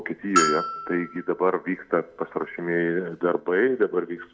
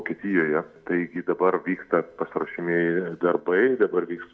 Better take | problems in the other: second | background sound (Bell); 4 dB below the speech

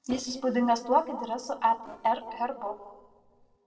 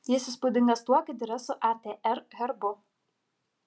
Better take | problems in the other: second | noise reduction (neural separator model SepFormer DNS4)

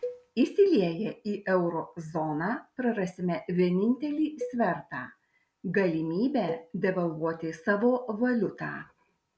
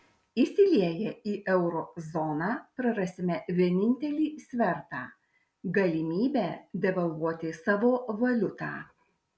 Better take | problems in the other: second | background sound (Cowbell); 15 dB below the speech

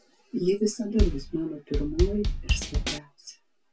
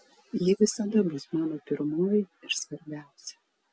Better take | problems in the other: second | background sound (Bass drum / Snare drum / Drum kit); 3 dB above the speech // room echo; dies away in 0.1 s

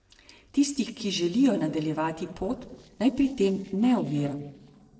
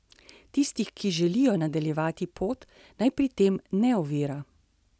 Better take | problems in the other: second | noise reduction (neural separator model SepFormer DNS4)

